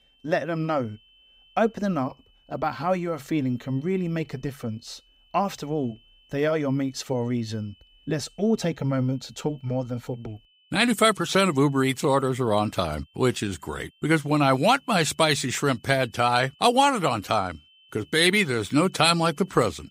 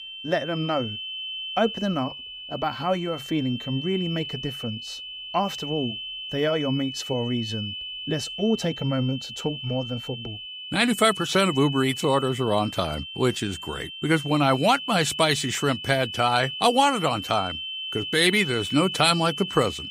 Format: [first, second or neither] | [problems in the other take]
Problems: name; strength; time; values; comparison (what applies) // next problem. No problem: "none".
first | high-pitched whine; loud; throughout; 3 kHz, 8 dB below the speech; faint in the first